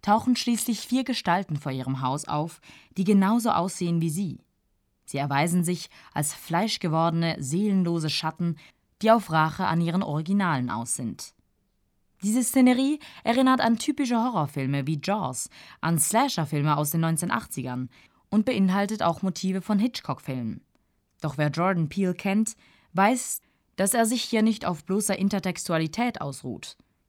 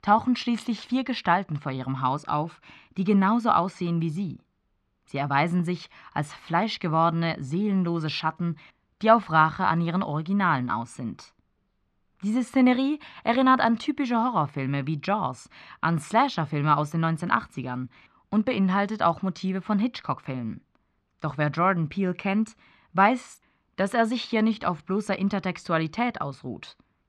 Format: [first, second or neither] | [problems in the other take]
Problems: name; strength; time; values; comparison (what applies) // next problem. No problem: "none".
first | muffled; slightly; fading above 3 kHz